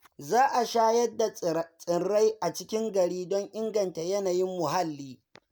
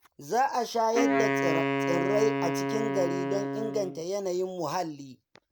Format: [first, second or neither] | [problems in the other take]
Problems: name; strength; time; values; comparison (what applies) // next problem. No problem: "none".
first | background sound (Wind instrument, woodwind instrument); 1 dB above the speech